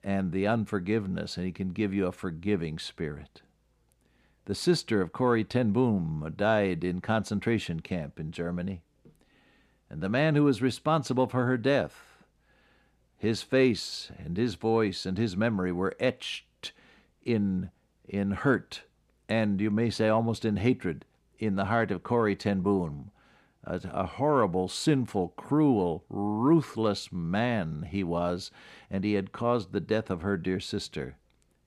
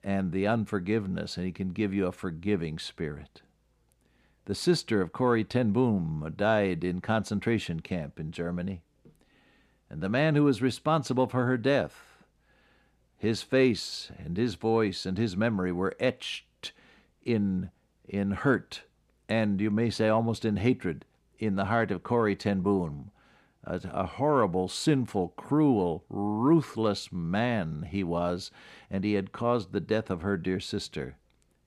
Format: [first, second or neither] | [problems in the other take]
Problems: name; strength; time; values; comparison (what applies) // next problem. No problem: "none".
neither | none